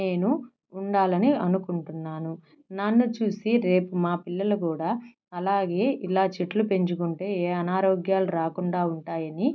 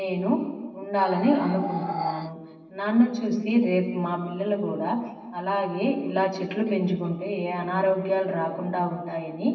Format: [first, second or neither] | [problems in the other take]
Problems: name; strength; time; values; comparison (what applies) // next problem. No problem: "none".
first | background sound (Animal); 7 dB below the speech // room echo; dies away in 1.4 s